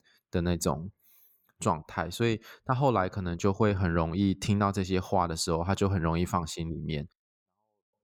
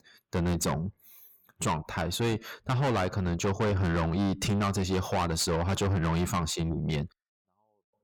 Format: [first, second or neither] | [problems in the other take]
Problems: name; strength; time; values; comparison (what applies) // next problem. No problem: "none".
first | distortion; heavy; 6 dB below the speech